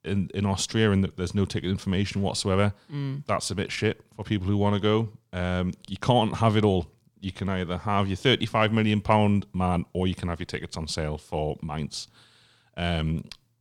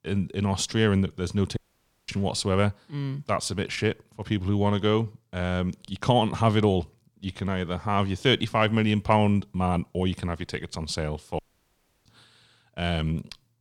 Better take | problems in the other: first | audio cutting out; at 1.5 s for 0.5 s and at 11 s for 0.5 s

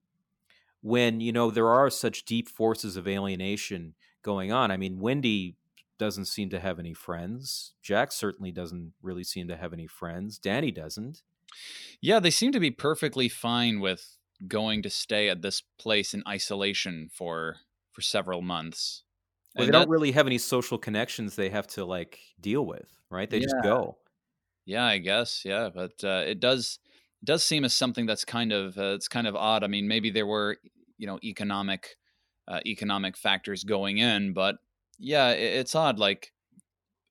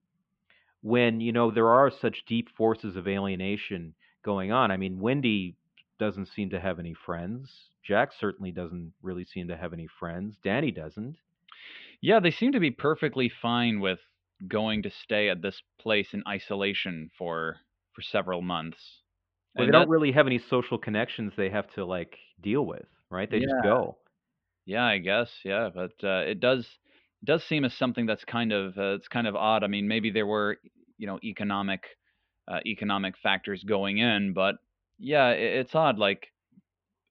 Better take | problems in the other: first | muffled; very; fading above 3 kHz

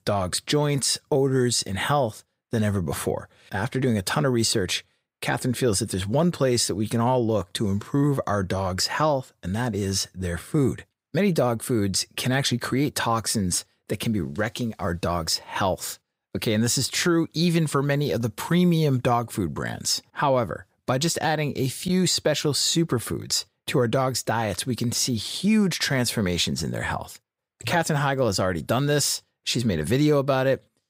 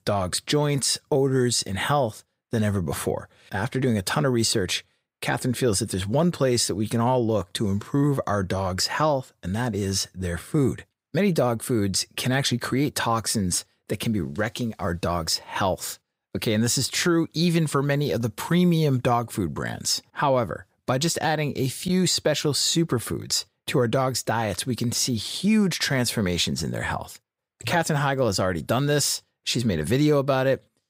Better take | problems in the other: neither | none

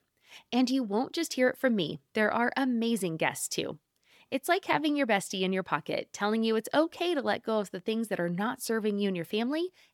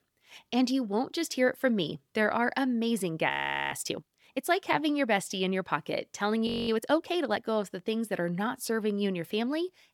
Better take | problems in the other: first | audio freezing; at 3.5 s and at 6.5 s

